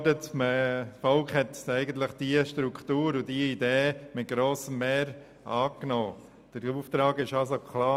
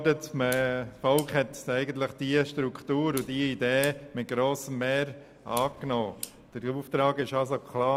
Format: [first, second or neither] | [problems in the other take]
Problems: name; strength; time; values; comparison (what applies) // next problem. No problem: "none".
first | background sound (Clock); 19 dB below the speech